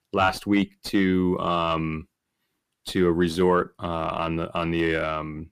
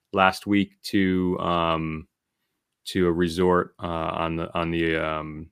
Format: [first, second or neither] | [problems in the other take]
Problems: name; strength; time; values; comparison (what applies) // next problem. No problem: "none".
second | distortion; slight; 10 dB below the speech